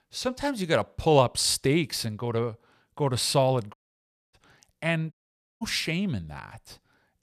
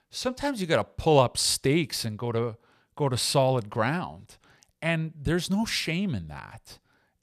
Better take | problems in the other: second | audio cutting out; at 3.5 s for 0.5 s and at 5 s

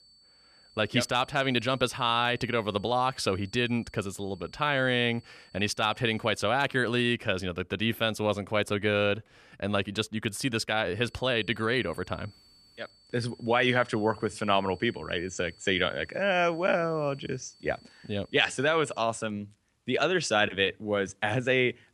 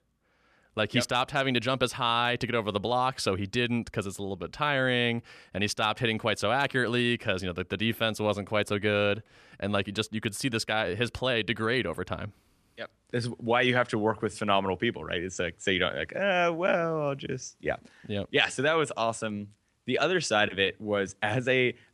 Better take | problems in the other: second | high-pitched whine; faint; until 6.5 s and from 11 to 19 s; 4.5 kHz, 30 dB below the speech

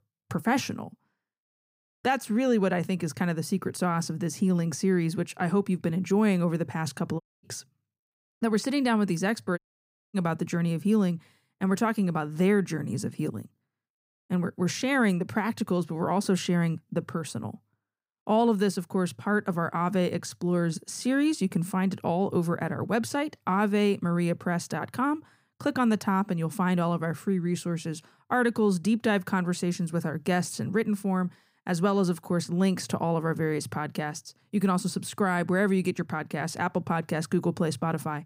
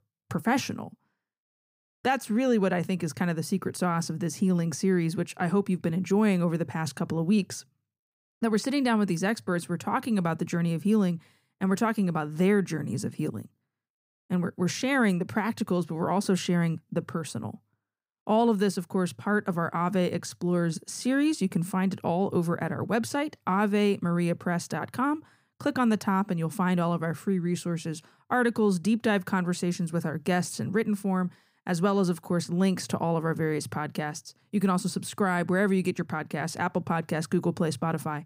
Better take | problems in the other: second | audio cutting out; at 7 s and at 9.5 s for 0.5 s

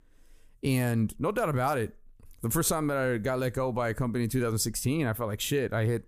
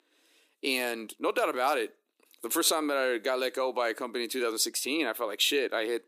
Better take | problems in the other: first | thin; somewhat; fading below 300 Hz

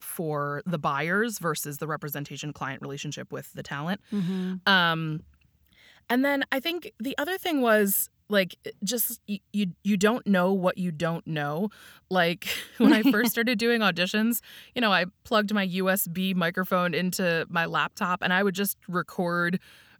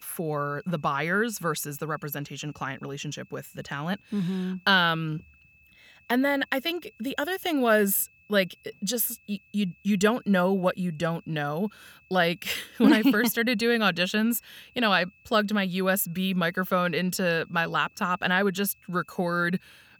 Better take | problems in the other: first | high-pitched whine; faint; throughout; 2.5 kHz, 30 dB below the speech

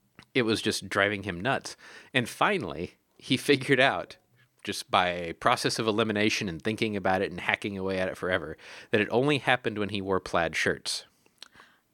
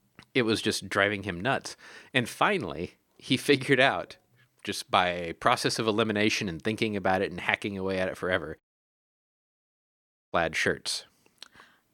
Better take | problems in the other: first | audio cutting out; at 8.5 s for 1.5 s

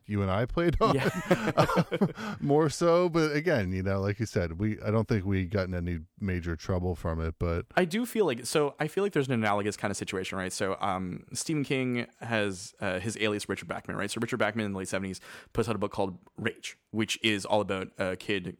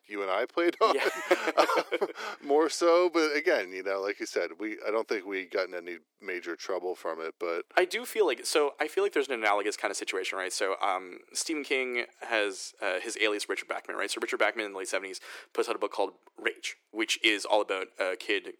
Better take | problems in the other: first | thin; very; fading below 350 Hz

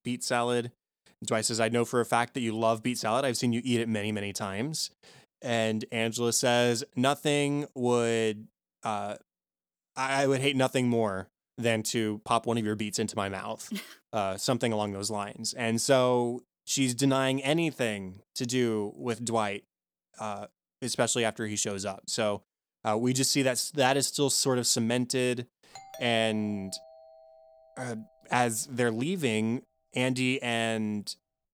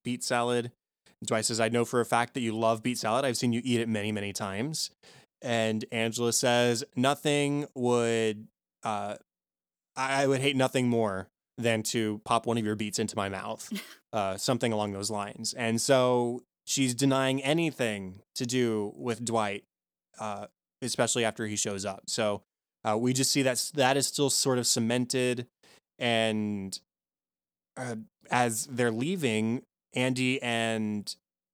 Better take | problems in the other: second | doorbell; faint; from 26 to 28 s; peak 15 dB below the speech

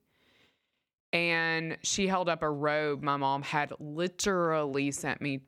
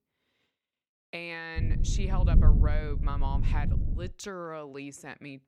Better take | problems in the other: first | low rumble; very faint; from 1.5 to 4 s; 5 dB below the speech

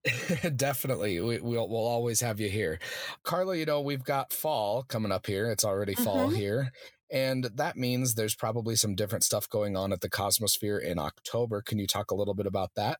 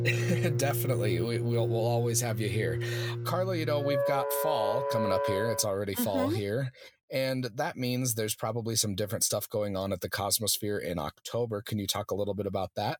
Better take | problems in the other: first | background music; loud; until 5.5 s; 1 dB below the speech

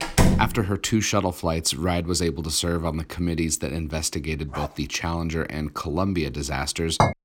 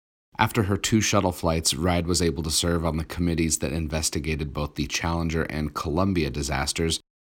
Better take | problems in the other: second | door banging; loud; at the start; peak 5 dB above the speech // dog barking; faint; at 4.5 s; peak 10 dB below the speech // clattering dishes; loud; at 7 s; peak 3 dB above the speech

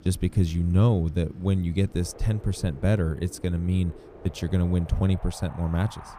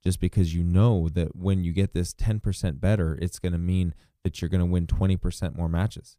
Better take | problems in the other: second | wind in the background; faint; throughout; 20 dB below the speech

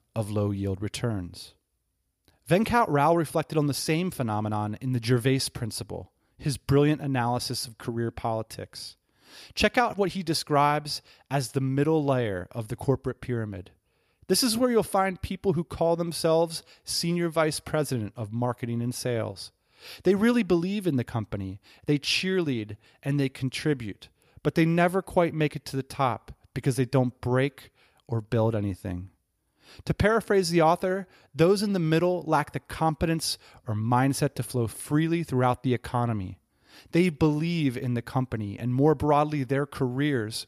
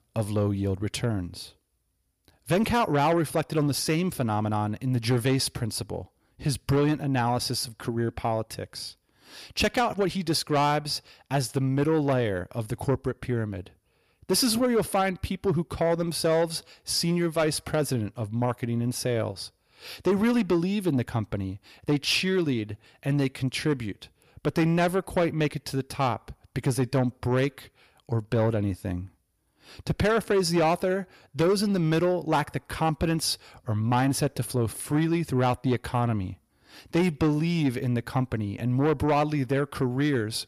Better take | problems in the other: first | distortion; slight; 10 dB below the speech

